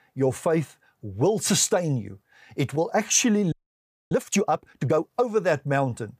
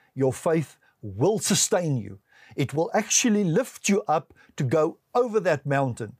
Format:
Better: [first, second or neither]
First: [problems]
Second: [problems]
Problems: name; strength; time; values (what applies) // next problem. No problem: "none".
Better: second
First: audio freezing; at 3.5 s for 0.5 s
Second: none